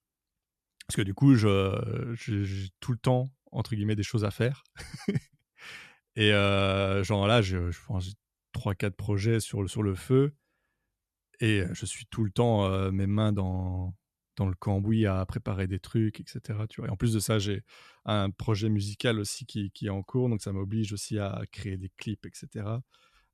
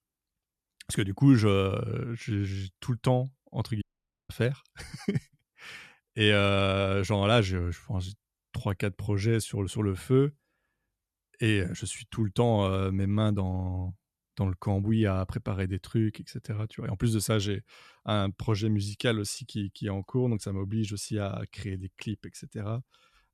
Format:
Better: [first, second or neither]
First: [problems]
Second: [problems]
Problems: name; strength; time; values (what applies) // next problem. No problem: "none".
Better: first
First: none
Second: audio cutting out; at 4 s